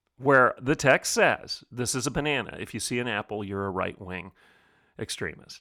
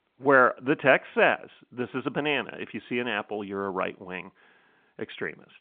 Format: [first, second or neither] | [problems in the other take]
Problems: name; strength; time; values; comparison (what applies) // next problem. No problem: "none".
first | phone-call audio